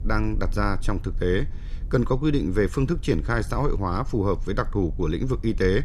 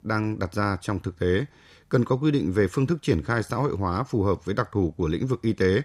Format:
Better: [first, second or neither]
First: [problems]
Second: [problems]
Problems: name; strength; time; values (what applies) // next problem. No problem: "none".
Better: second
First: low rumble; faint; throughout; 25 dB below the speech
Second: none